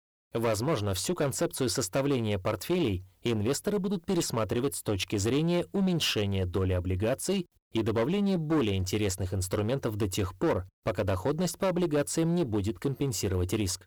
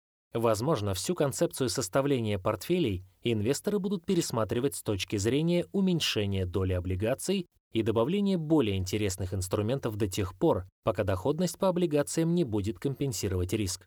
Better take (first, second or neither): second